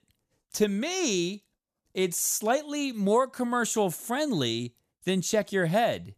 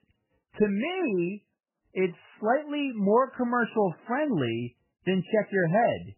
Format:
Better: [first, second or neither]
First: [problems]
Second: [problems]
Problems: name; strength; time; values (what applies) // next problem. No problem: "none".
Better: first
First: none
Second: garbled, watery; badly; nothing above 3 kHz